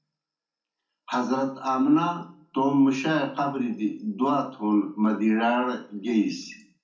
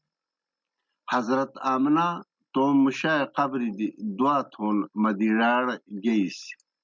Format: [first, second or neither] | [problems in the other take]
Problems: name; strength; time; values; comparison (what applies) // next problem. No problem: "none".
second | room echo; dies away in 0.4 s